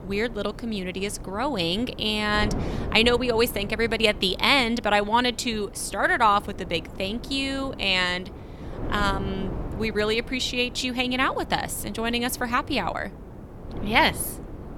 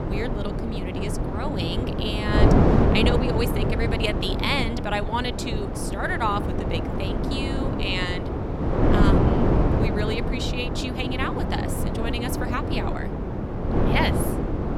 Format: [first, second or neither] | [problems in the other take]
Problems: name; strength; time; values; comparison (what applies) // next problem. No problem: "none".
first | wind noise on the microphone; heavy; as loud as the speech; occasional gusts in the first